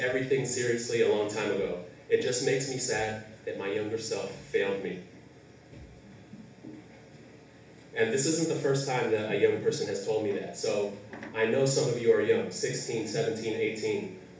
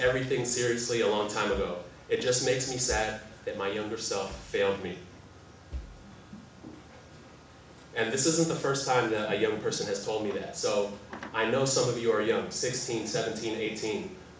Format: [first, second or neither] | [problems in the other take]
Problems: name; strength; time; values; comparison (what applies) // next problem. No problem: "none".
second | room echo; dies away in 0.3 s